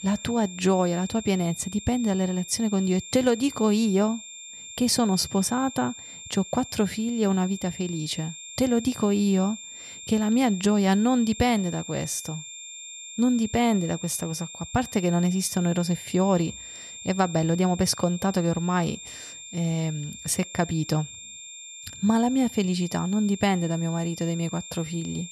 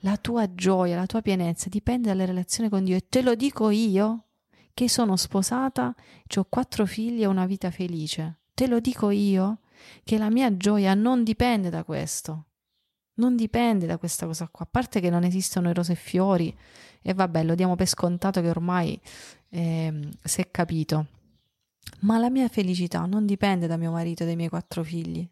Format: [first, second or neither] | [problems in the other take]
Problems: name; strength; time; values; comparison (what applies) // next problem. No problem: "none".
second | high-pitched whine; noticeable; throughout; 7.5 kHz, 15 dB below the speech